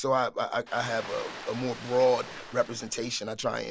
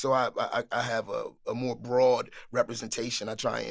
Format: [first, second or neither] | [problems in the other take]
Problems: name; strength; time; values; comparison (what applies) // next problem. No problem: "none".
second | background sound (Ocean); 14 dB below the speech